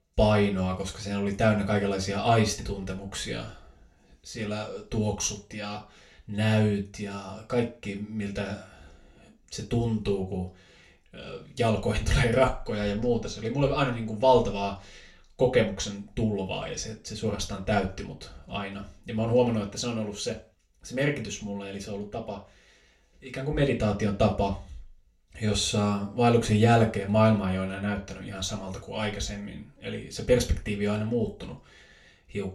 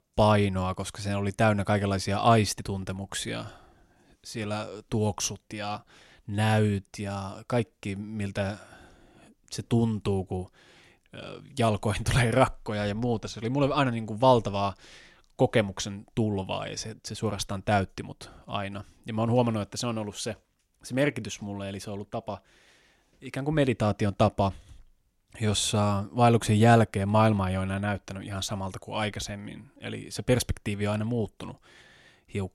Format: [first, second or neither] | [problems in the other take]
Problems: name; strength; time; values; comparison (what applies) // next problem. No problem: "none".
second | room echo; very slight; dies away in 0.3 s // off-mic speech; far